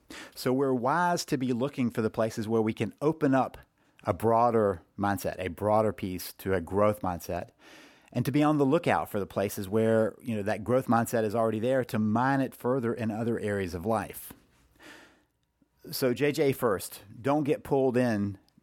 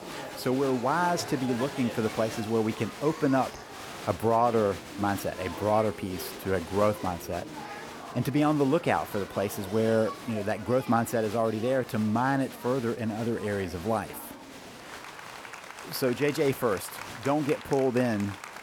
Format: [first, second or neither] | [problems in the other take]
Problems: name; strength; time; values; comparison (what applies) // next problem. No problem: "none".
first | crowd noise; noticeable; throughout; 10 dB below the speech